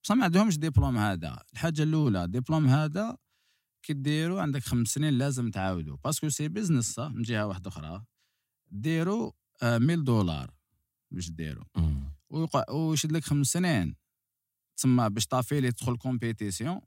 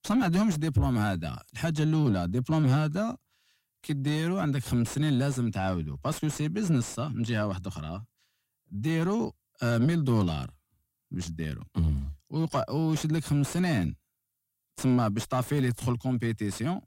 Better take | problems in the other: first | distortion; slight; 10 dB below the speech

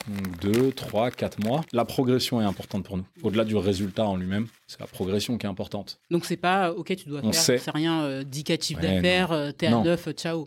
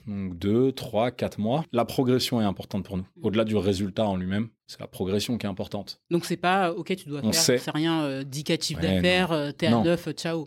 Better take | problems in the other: second | household noises; noticeable; throughout; 20 dB below the speech

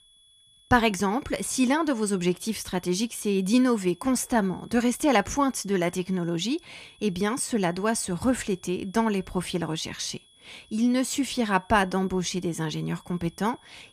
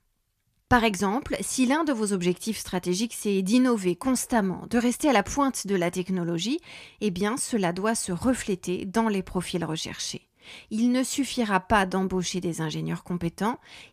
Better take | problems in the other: second | high-pitched whine; faint; throughout; 3.5 kHz, 30 dB below the speech

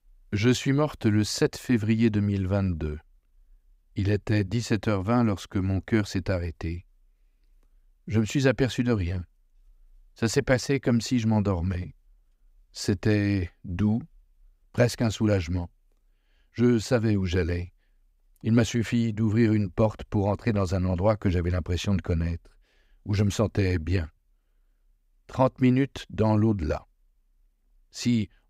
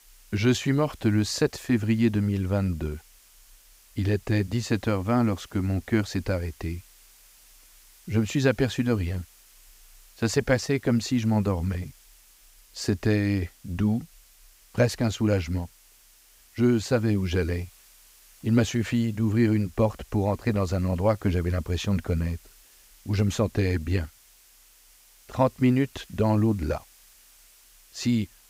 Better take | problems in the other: first | hiss; faint; throughout; 25 dB below the speech

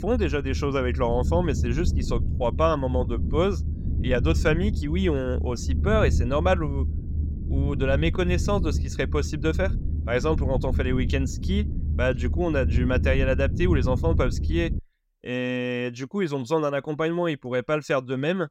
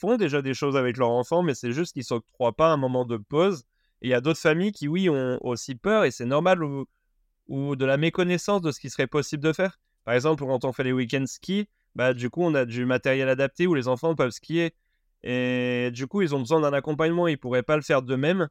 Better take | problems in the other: second | low rumble; noticeable; until 15 s; 15 dB below the speech

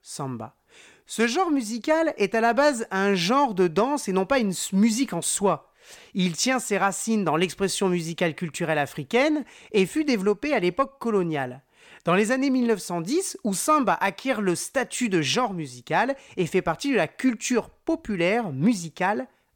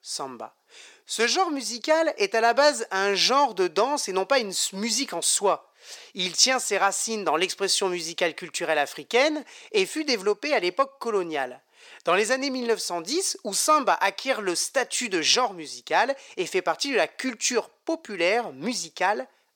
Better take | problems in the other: first | thin; somewhat; fading below 450 Hz

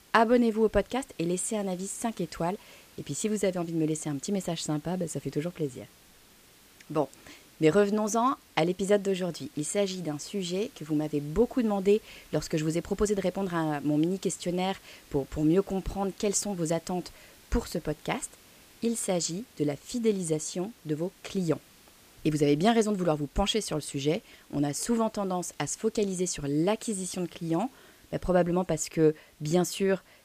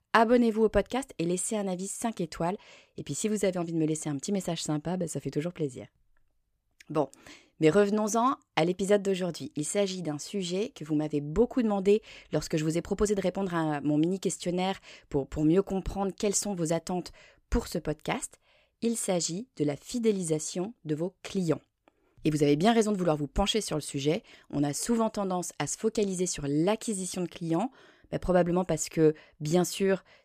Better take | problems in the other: second | hiss; faint; throughout; 25 dB below the speech

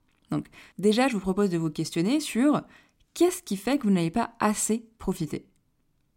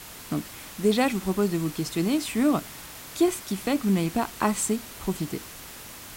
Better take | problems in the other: first | hiss; noticeable; throughout; 15 dB below the speech

